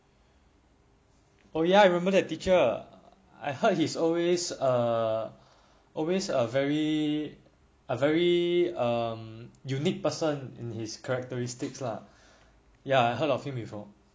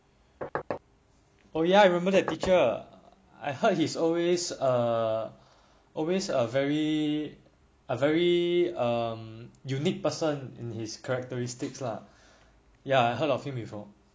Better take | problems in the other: first | background sound (Knock); 6 dB below the speech

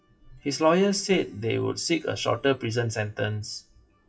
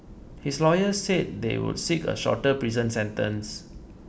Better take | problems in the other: second | noise reduction (classical method WPE with log-MMSE)

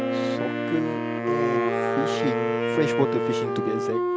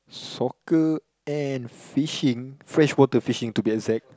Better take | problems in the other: second | background sound (Wind instrument, woodwind instrument + Wind instrument, woodwind instrument); 5 dB above the speech

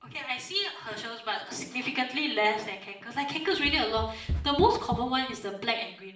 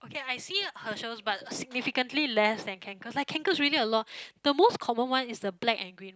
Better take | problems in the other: second | background sound (Run); 6 dB below the speech // room echo; dies away in 0.6 s

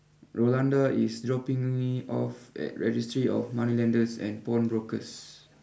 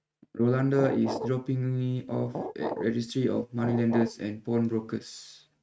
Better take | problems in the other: first | noise reduction (neural mask model RNNoise)

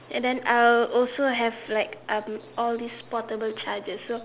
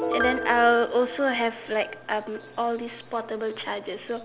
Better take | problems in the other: first | background sound (Piano); 8 dB below the speech

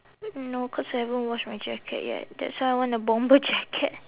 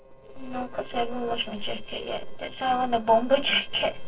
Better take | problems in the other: first | noise reduction (neural separator model SepFormer DNS4)

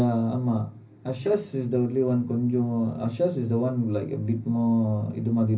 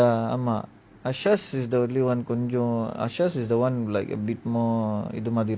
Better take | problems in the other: second | room echo; dies away in 0.4 s

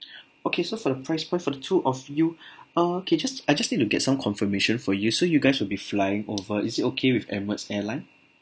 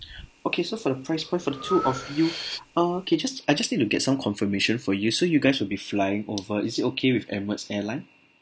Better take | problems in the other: first | background sound (Breathing); 16 dB below the speech

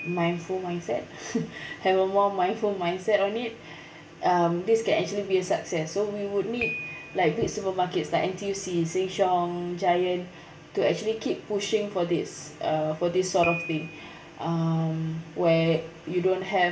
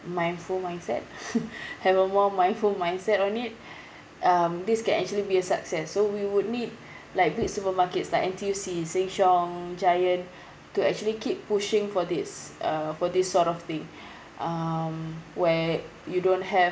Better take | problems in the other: second | background sound (Piano); 18 dB below the speech // room echo; dies away in 0.2 s

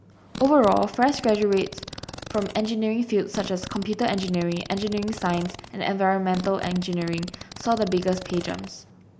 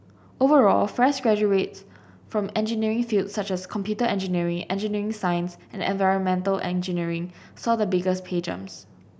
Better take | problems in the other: second | background sound (Fart); 14 dB below the speech

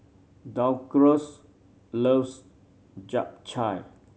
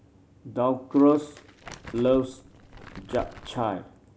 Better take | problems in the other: first | background sound (Crumpling, crinkling); 18 dB below the speech

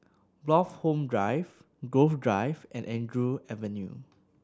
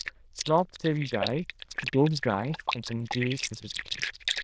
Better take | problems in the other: first | noise reduction (neural diffusion model UNIVERSE++)

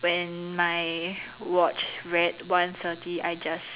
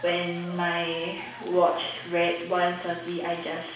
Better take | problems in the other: first | background sound (Applause / Cheering); 18 dB below the speech // room echo; dies away in 0.7 s

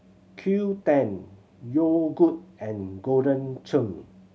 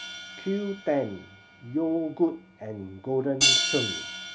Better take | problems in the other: first | background sound (Hi-hat); 1 dB below the speech

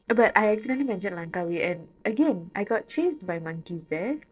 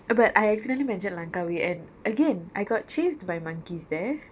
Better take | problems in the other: second | noise reduction (neural separator model SepFormer DNS4)

